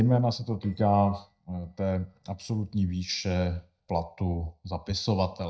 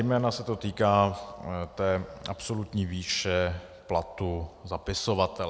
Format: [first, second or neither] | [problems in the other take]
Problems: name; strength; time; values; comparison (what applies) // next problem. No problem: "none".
second | noise reduction (neural mask model DeepFilterNet 3)